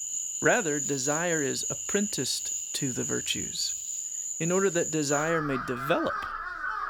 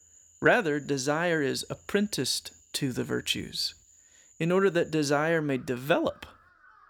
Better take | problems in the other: second | animal sounds; loud; throughout; 2 dB below the speech; faint in the second

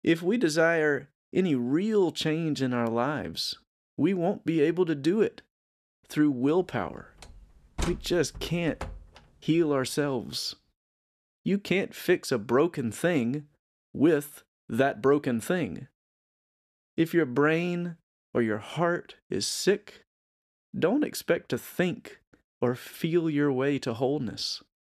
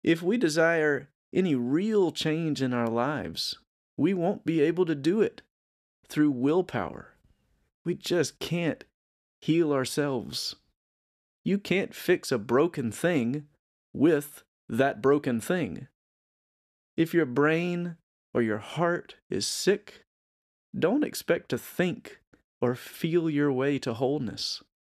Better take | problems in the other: second | door banging; noticeable; from 7 to 9 s; peak 8 dB below the speech

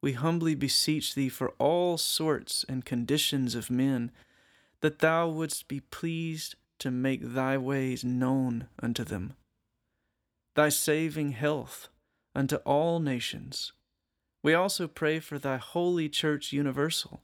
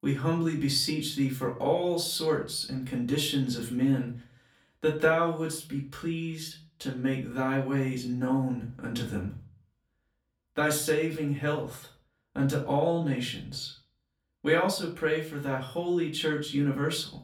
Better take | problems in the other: first | room echo; slight; dies away in 0.3 s // off-mic speech; far

